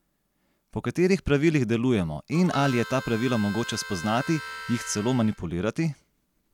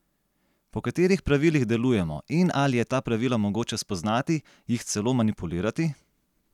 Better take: second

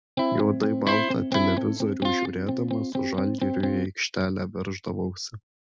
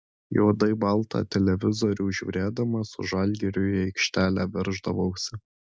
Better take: second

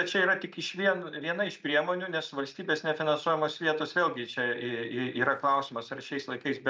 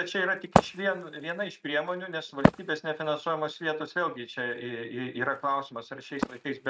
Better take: first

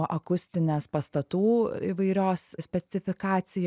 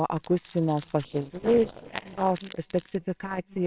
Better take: first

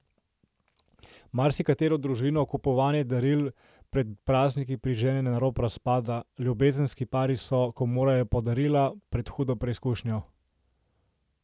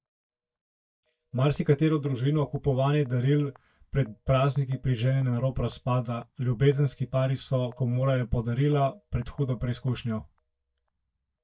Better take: first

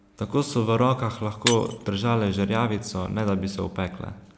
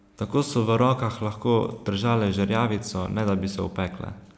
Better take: second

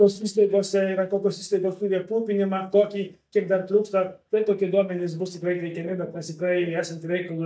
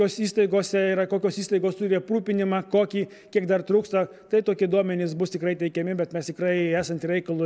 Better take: second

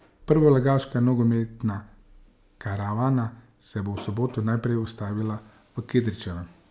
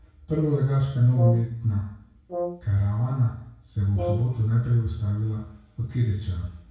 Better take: first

